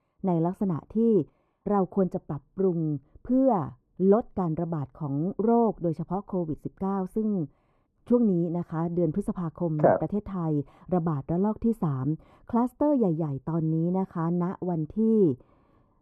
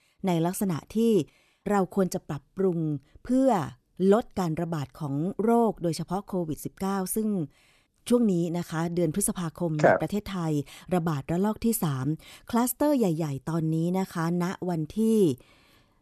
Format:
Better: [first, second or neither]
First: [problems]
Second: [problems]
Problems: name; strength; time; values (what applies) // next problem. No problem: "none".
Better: second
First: muffled; very; fading above 2 kHz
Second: none